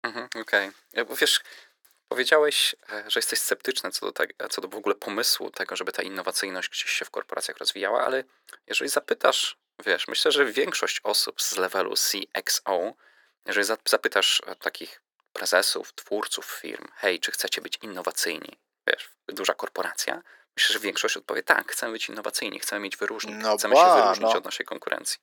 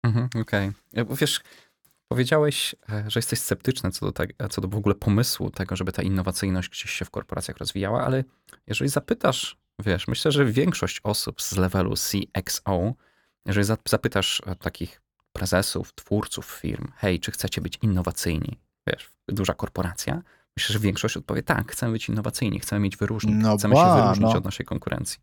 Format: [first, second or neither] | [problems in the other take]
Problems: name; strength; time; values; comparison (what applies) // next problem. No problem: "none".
second | thin; very; fading below 400 Hz